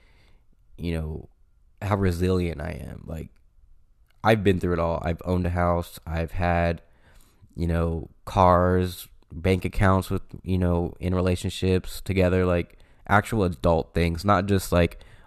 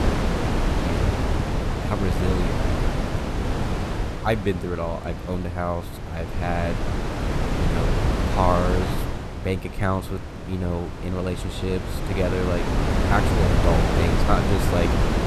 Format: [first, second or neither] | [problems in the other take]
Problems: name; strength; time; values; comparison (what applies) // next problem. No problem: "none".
first | wind noise on the microphone; heavy; 1 dB below the speech